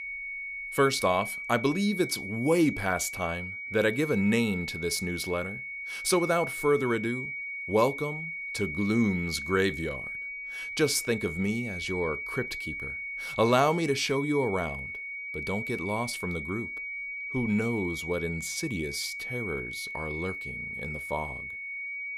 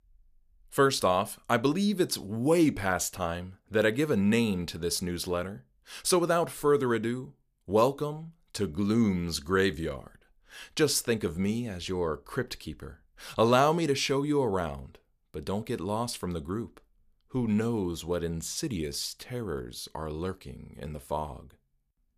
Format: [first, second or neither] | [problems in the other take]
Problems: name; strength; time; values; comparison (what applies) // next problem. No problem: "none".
second | high-pitched whine; loud; throughout; 2 kHz, 6 dB below the speech